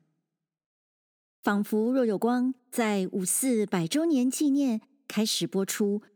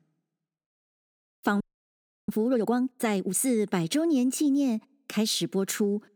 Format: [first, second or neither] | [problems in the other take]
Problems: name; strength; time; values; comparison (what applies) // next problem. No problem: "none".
first | audio freezing; at 1.5 s for 0.5 s